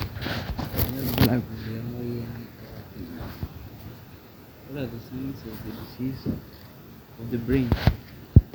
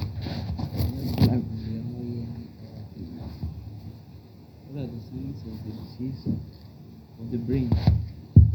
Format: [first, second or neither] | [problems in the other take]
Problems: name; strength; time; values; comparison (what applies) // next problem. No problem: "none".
first | room echo; dies away in 0.4 s